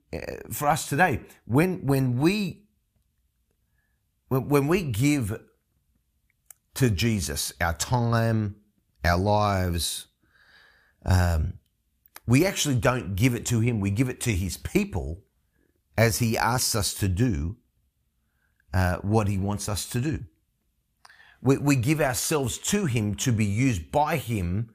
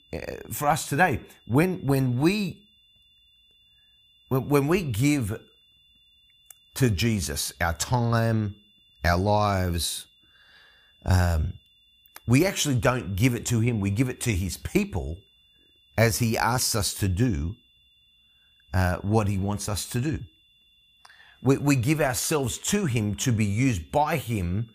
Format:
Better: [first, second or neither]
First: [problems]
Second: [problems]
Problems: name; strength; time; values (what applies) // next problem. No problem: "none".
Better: first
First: none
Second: high-pitched whine; faint; throughout; 3.5 kHz, 30 dB below the speech